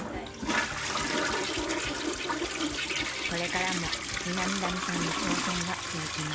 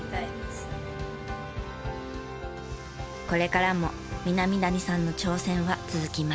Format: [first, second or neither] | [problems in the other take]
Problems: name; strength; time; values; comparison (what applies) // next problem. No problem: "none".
second | background sound (Toilet flush); 5 dB above the speech